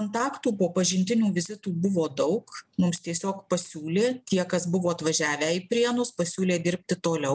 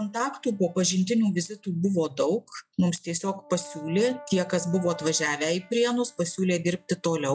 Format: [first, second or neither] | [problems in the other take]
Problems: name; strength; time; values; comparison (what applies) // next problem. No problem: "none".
first | noise reduction (classical method log-MMSE)